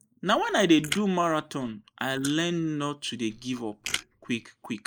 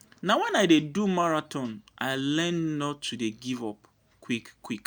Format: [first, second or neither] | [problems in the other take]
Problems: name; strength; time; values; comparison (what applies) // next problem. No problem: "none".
second | noise reduction (neural mask model Resemble Enhance denoiser)